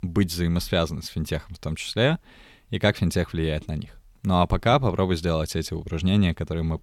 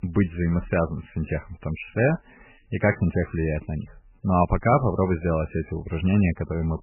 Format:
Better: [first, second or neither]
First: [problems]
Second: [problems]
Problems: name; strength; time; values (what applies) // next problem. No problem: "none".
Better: first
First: none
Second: garbled, watery; badly; nothing above 2.5 kHz